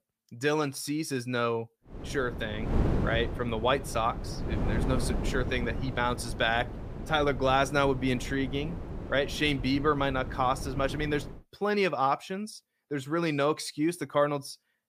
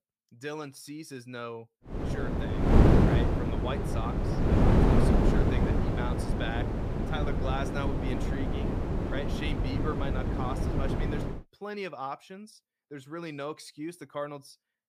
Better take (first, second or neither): first